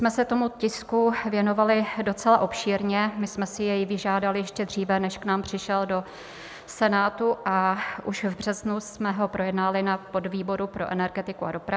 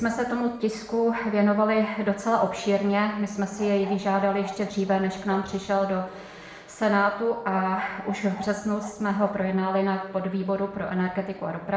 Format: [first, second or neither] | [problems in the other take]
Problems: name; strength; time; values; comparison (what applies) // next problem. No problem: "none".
first | background sound (Bark); 15 dB below the speech // room echo; dies away in 0.8 s